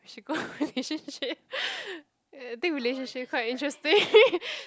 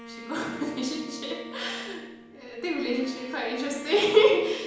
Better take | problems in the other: first | background sound (Bowed string instrument); 16 dB below the speech // room echo; dies away in 1 s

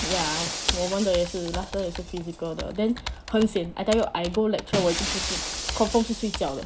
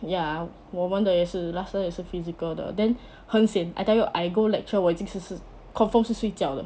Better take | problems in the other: second | background sound (Computer keyboard + Shatter); 6 dB below the speech

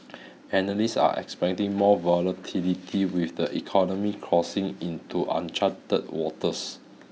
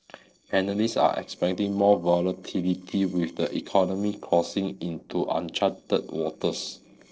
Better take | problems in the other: first | noise reduction (neural separator model SepFormer DNS4)

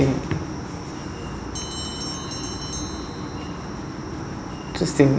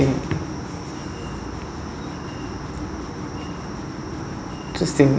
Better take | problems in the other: second | background sound (Bell); 14 dB below the speech

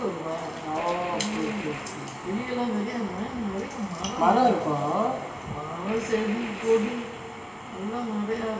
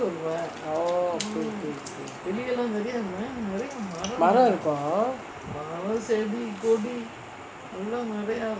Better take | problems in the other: second | background sound (Gunshot, gunfire); 13 dB below the speech // room echo; dies away in 2.5 s

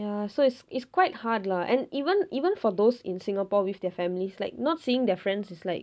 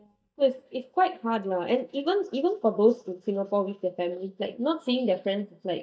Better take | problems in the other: first | noise reduction (neural mask model DeepFilterNet 3)

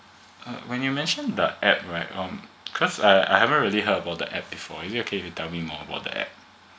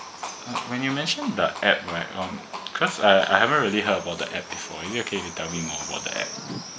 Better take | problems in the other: first | background sound (Livestock, farm animals, working animals); 11 dB below the speech

